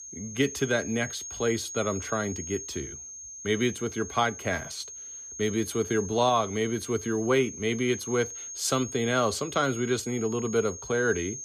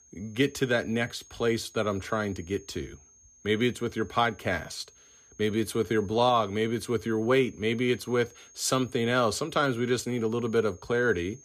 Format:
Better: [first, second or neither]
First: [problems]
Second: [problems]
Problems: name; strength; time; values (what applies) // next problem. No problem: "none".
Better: second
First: high-pitched whine; loud; throughout; 6.5 kHz, 9 dB below the speech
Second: high-pitched whine; faint; throughout; 6.5 kHz, 25 dB below the speech